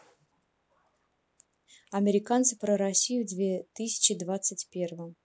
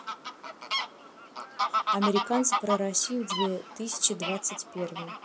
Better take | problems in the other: first | background sound (Fowl); 2 dB below the speech

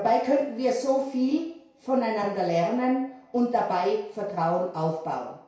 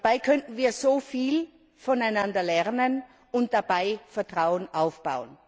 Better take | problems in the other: second | room echo; dies away in 0.6 s

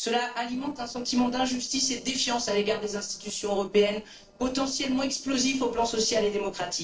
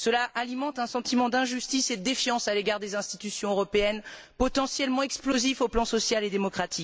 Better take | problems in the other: second | noise reduction (neural separator model SepFormer DNS4)

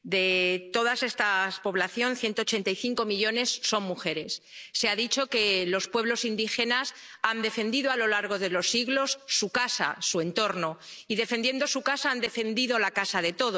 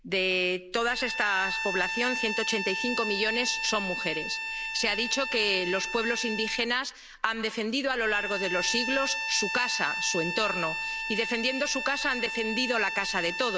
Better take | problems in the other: first | background sound (Bowed string instrument); 4 dB below the speech

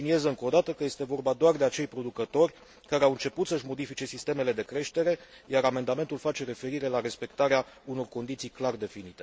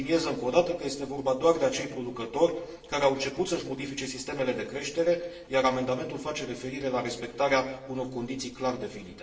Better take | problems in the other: first | room echo; dies away in 0.8 s

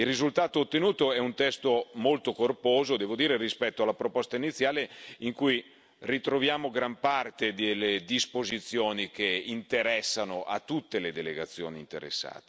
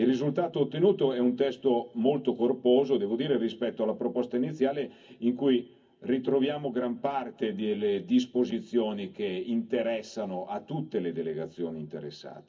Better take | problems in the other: first | room echo; dies away in 0.3 s

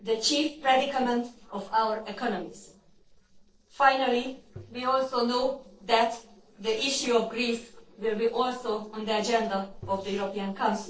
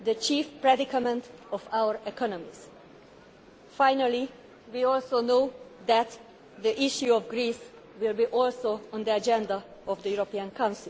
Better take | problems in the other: second | noise reduction (neural separator model SepFormer DNS4)

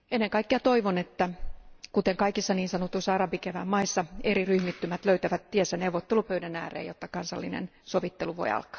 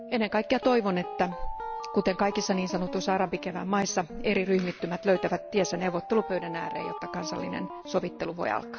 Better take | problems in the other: first | background sound (Alarm + Guitar); 11 dB below the speech

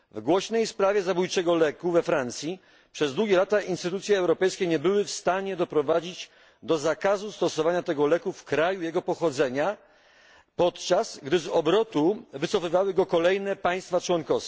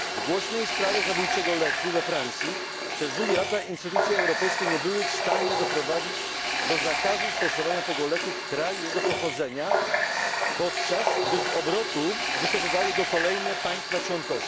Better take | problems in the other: first | background sound (Water tap, faucet); 2 dB above the speech

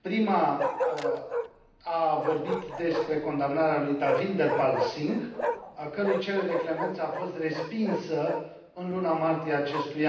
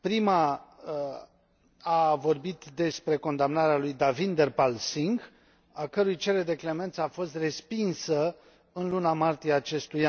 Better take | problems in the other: second | background sound (Bark); 5 dB below the speech // room echo; dies away in 0.9 s

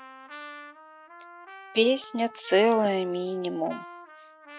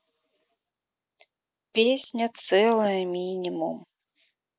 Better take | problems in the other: second | background sound (Trumpet); 17 dB below the speech

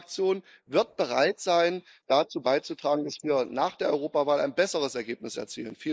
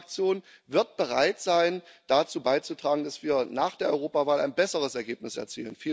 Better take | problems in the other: second | noise reduction (neural mask model Resemble Enhance denoiser)

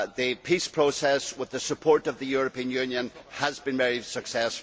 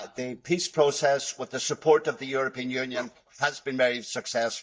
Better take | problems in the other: first | noise reduction (neural mask model DeepFilterNet 3)

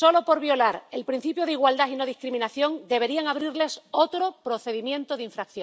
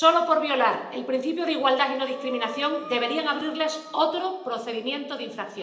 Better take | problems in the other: first | background sound (Breathing); 17 dB below the speech // room echo; dies away in 0.9 s

